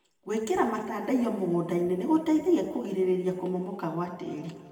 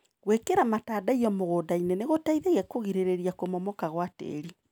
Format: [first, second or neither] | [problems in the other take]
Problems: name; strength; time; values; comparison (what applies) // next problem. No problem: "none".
second | room echo; dies away in 1.9 s